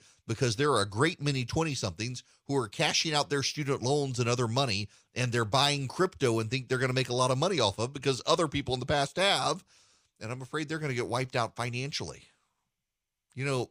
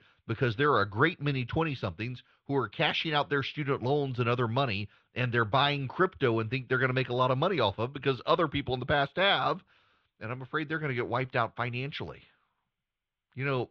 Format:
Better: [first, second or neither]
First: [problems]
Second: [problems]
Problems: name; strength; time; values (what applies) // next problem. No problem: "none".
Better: first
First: none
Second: muffled; very; fading above 3.5 kHz